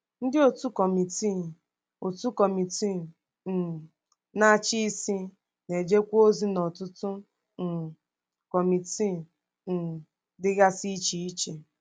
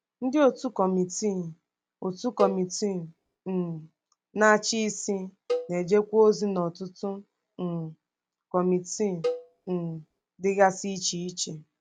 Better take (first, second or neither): first